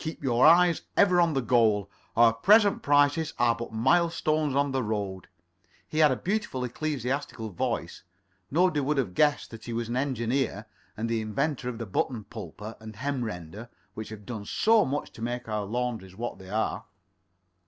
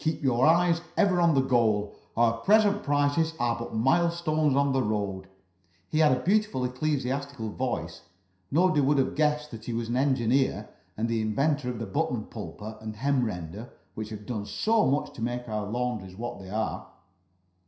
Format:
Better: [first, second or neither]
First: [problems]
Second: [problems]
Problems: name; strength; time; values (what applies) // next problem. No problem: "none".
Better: first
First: none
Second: room echo; dies away in 0.5 s